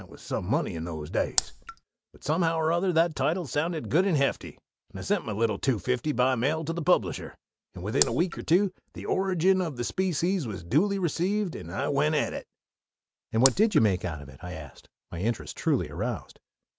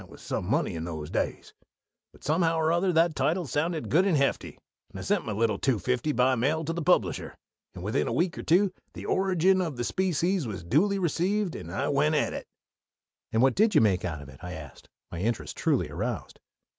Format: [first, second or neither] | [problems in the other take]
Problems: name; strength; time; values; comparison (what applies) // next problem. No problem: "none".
second | background sound (Raindrop); 4 dB below the speech